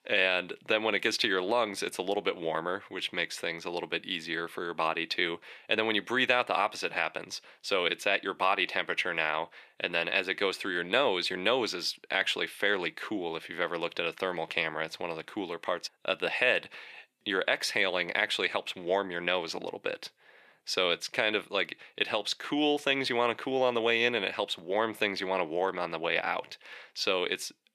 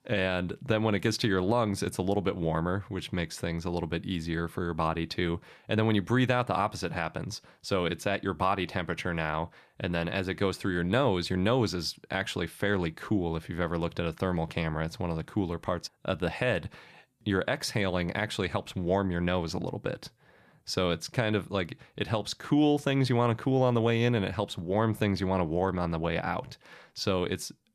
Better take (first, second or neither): second